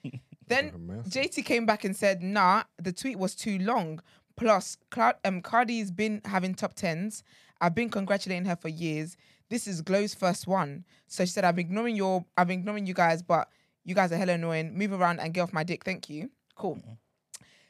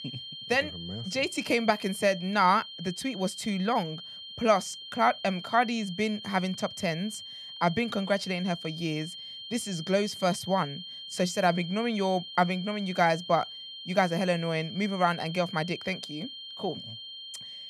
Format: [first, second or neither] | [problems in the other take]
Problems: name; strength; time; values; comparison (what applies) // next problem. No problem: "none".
first | high-pitched whine; noticeable; throughout; 3 kHz, 10 dB below the speech